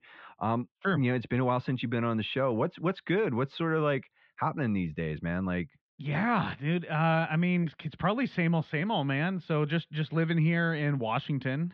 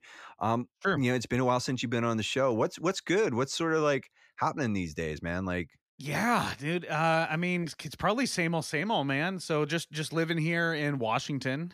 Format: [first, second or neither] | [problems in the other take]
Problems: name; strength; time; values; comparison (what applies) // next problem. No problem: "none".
second | muffled; very; fading above 3.5 kHz